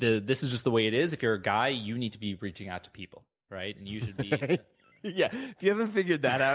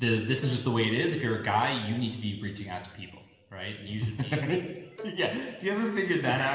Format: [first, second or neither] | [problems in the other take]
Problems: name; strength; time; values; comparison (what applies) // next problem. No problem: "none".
first | background sound (Bowed string instrument); 19 dB below the speech // room echo; dies away in 1.1 s